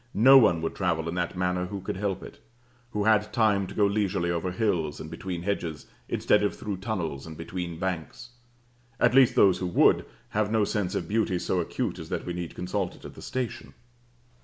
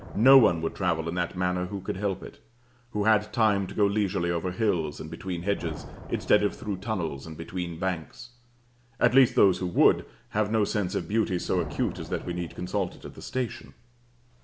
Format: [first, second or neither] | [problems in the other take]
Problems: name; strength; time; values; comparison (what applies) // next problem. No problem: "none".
first | background sound (Thunder); 19 dB below the speech